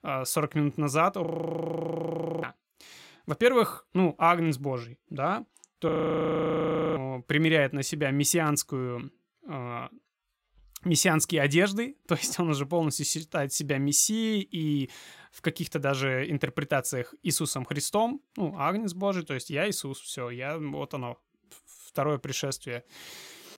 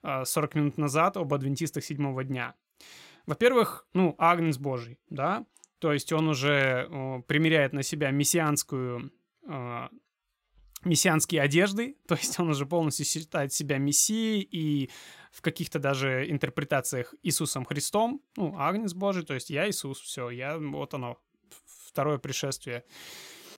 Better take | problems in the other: second | audio freezing; at 1.5 s for 1 s and at 6 s for 1 s

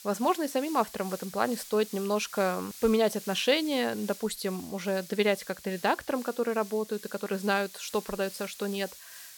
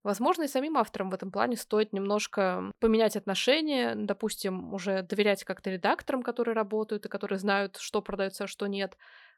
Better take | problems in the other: second | hiss; noticeable; throughout; 15 dB below the speech

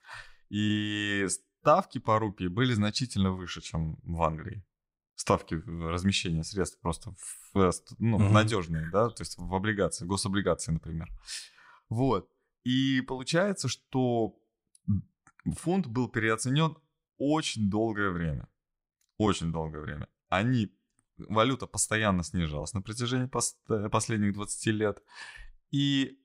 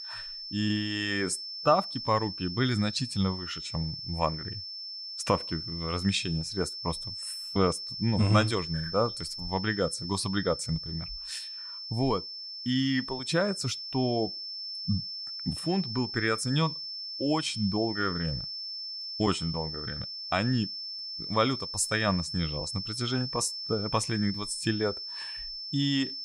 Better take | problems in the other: first | high-pitched whine; loud; throughout; 5.5 kHz, 5 dB below the speech

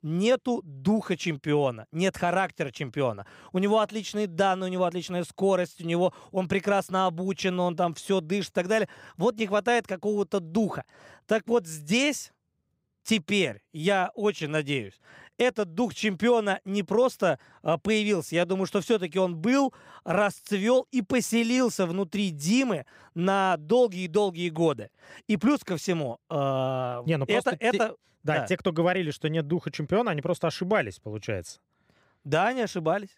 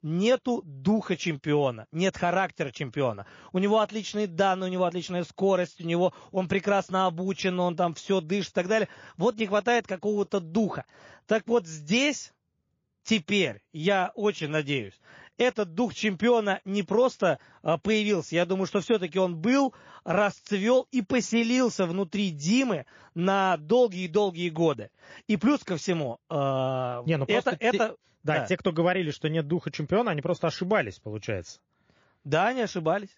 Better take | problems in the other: first | garbled, watery; slightly; nothing above 6 kHz

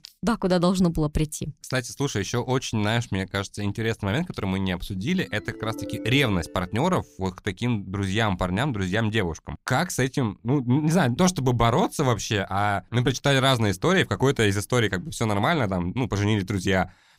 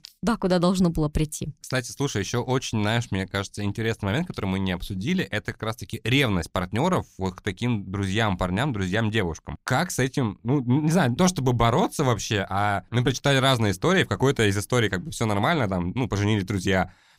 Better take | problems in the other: second | phone ringing; faint; from 5.5 to 7 s; peak 10 dB below the speech

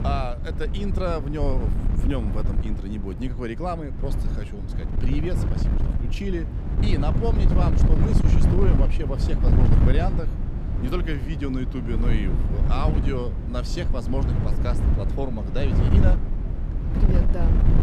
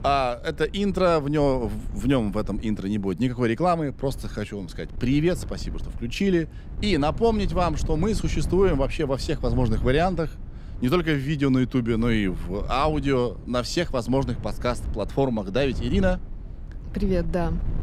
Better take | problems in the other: second | wind noise on the microphone; heavy; 3 dB below the speech; occasional gusts in the second

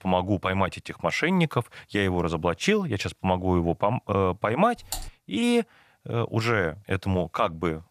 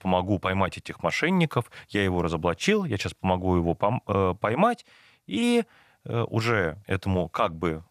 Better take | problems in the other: second | keyboard typing; noticeable; at 5 s; peak 9 dB below the speech

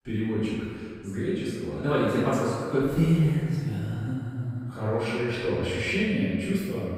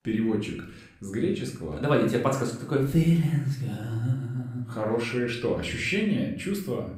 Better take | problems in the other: second | room echo; strong; dies away in 1.8 s; slight in the second // off-mic speech; far; far in the second

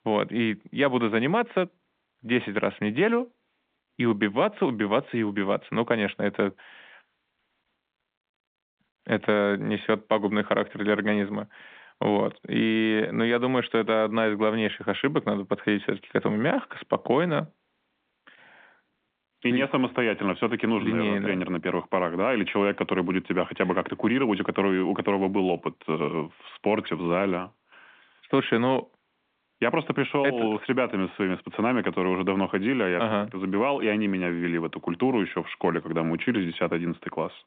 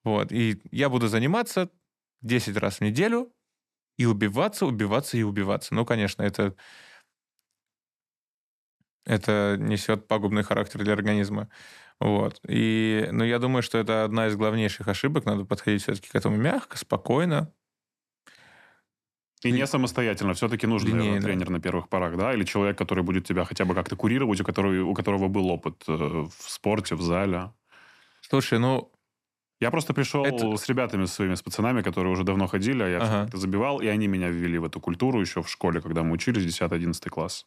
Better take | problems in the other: second | phone-call audio

